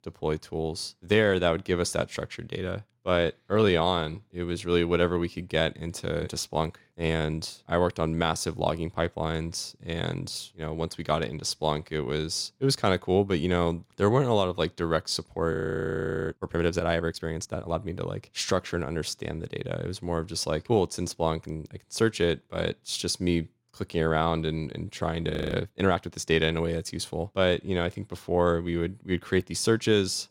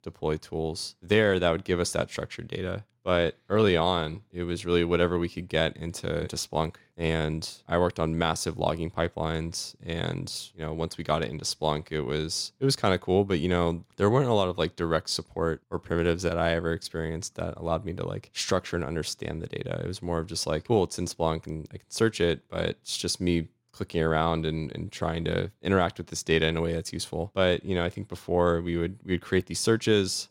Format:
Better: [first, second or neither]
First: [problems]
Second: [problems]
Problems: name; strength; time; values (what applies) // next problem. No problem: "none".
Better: second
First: audio freezing; at 16 s for 1 s and at 25 s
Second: none